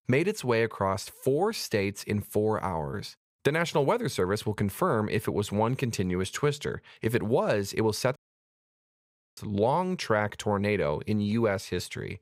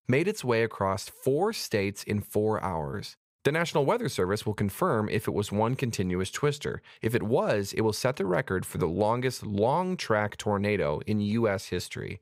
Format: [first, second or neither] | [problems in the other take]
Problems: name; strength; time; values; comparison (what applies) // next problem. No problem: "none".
second | audio cutting out; at 8 s for 1 s